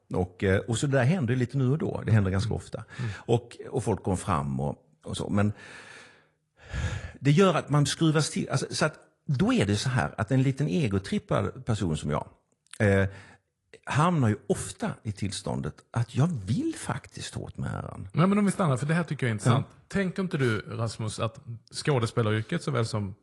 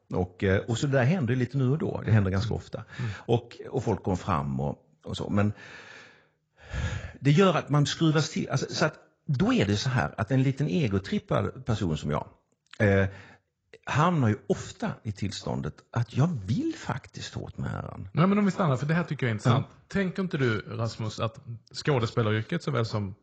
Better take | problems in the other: first | garbled, watery; badly; nothing above 7.5 kHz; slightly in the first

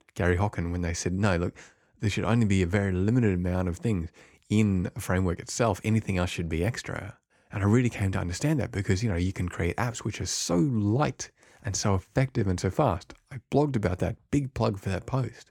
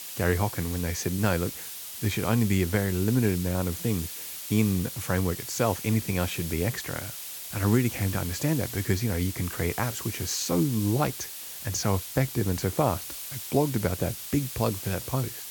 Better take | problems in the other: first | hiss; loud; throughout; 8 dB below the speech

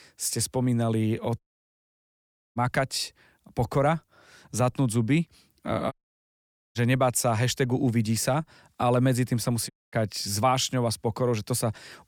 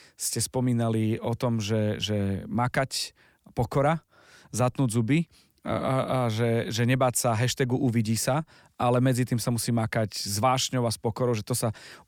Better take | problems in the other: second | audio cutting out; at 1.5 s for 1 s, at 6 s for 1 s and at 9.5 s

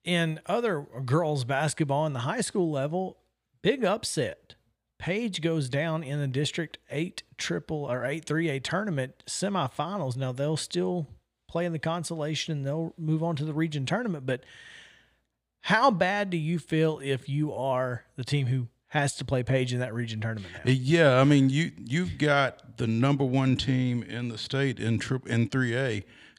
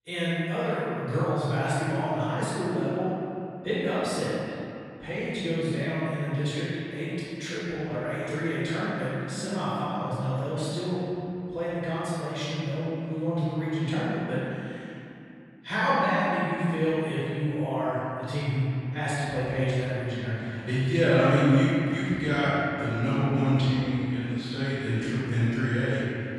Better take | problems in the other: first | off-mic speech; far // room echo; strong; dies away in 2.6 s

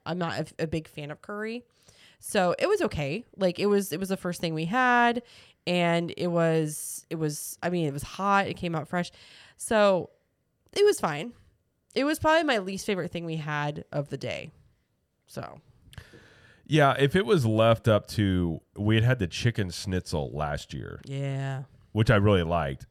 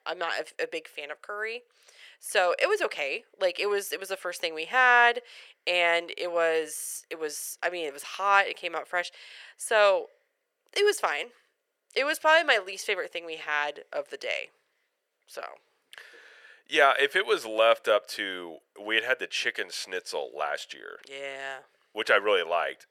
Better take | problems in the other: first | thin; very; fading below 450 Hz

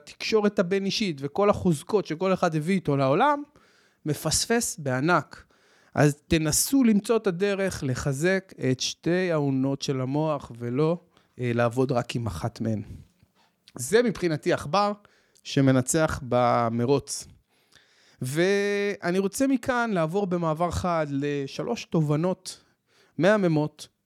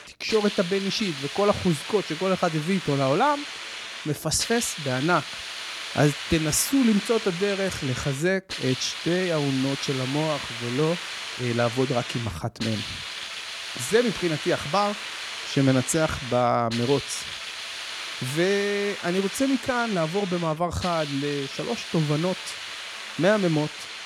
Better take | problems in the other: first | hiss; loud; throughout; 7 dB below the speech

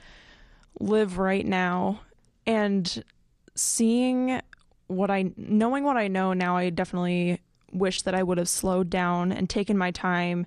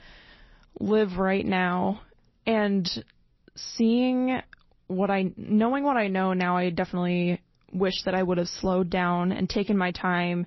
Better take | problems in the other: first | garbled, watery; slightly; nothing above 6 kHz

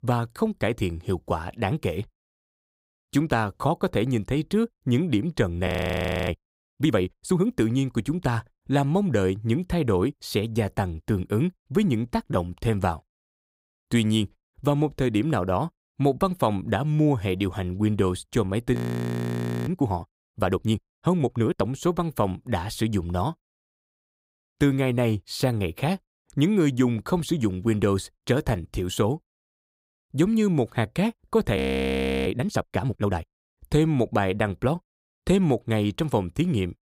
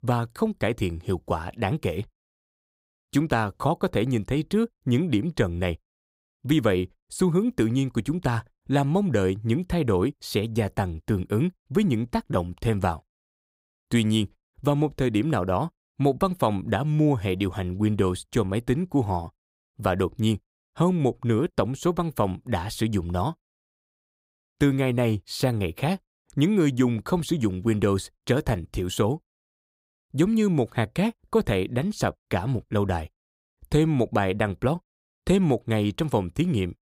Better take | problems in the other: second | audio freezing; at 5.5 s for 0.5 s, at 19 s for 1 s and at 32 s for 0.5 s

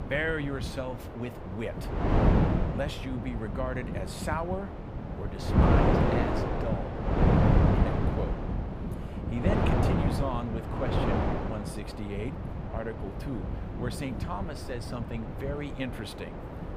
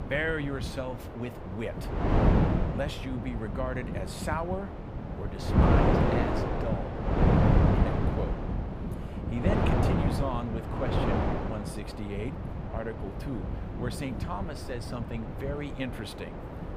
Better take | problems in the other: neither | wind noise on the microphone; heavy; 3 dB above the speech; the same in both

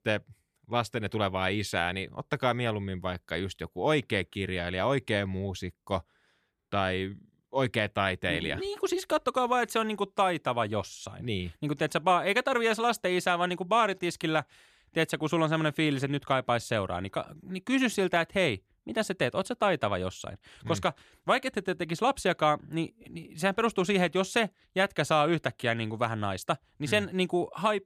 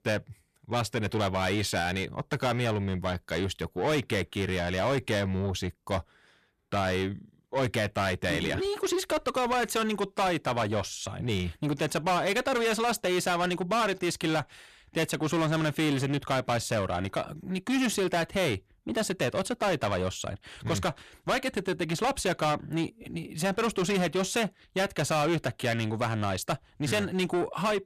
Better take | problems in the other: first | distortion; heavy; 7 dB below the speech

